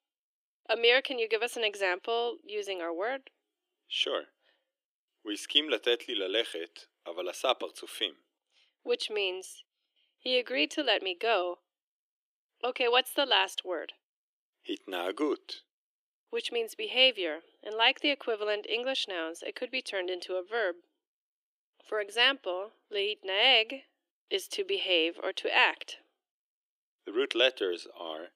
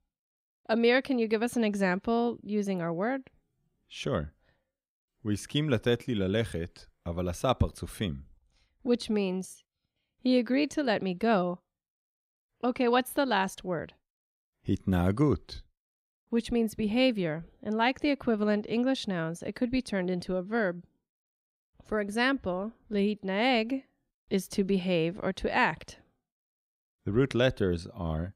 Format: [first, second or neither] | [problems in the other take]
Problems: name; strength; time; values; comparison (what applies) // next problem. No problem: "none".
second | thin; very; fading below 300 Hz